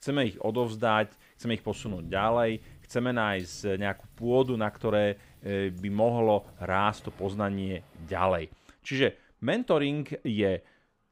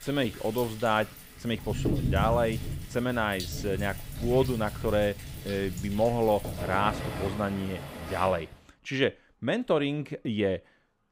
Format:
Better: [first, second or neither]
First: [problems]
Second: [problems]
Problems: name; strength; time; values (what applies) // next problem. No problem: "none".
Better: first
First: rain or running water; faint; until 8.5 s; 25 dB below the speech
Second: rain or running water; loud; until 8.5 s; 7 dB below the speech